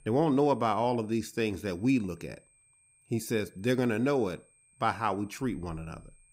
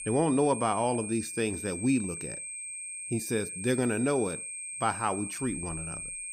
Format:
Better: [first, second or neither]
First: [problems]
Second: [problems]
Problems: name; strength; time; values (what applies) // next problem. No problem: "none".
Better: first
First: high-pitched whine; faint; throughout; 8.5 kHz, 30 dB below the speech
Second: high-pitched whine; loud; throughout; 8.5 kHz, 6 dB below the speech